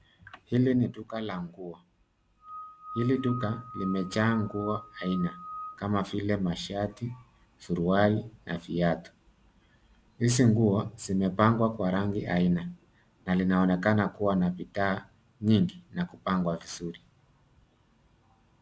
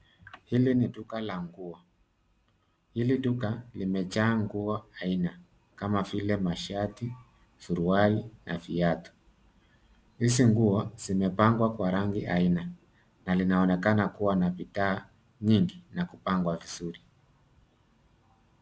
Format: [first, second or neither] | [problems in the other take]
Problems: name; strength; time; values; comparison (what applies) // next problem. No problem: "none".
second | background sound (Screech / Glass); 12 dB below the speech